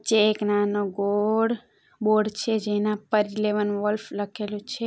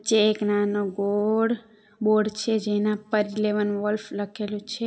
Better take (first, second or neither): first